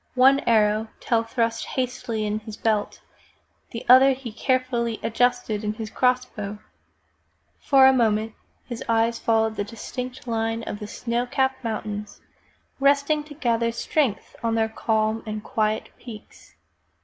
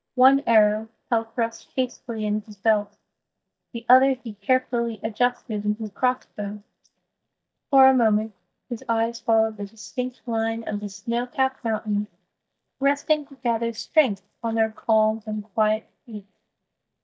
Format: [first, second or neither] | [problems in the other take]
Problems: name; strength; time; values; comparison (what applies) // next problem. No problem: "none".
first | noise reduction (neural mask model DeepFilterNet 3)